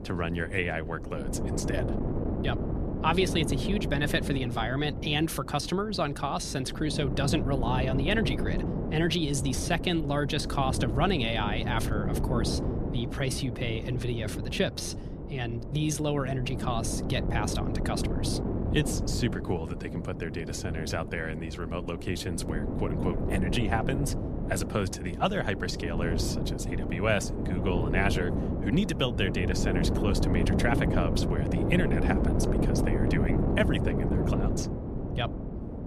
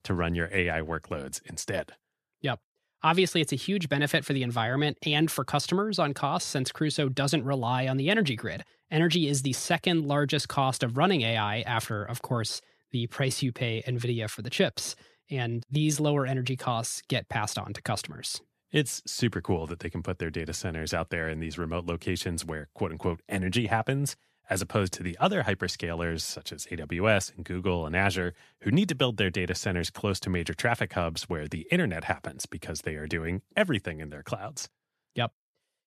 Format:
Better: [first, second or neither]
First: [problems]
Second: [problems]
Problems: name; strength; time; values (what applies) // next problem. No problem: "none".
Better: second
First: wind noise on the microphone; heavy; 5 dB below the speech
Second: none